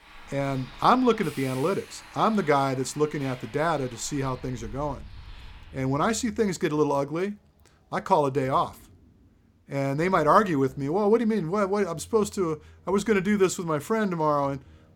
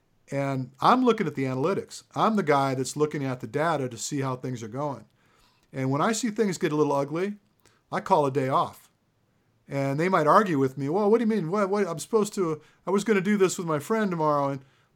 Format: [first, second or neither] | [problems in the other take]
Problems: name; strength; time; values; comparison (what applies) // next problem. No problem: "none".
second | traffic noise; faint; throughout; 20 dB below the speech